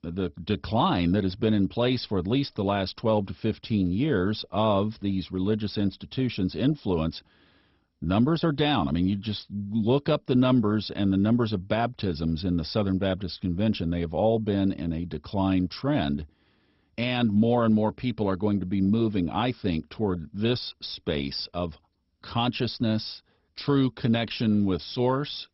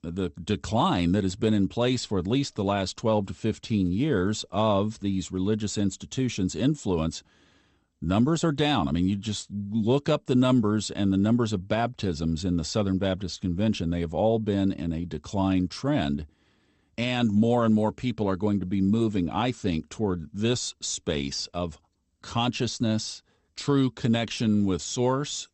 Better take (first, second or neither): second